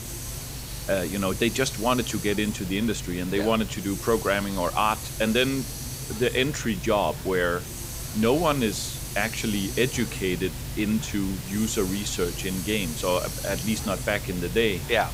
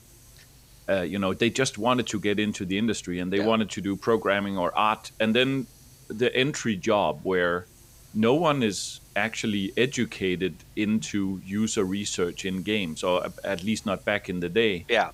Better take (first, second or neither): second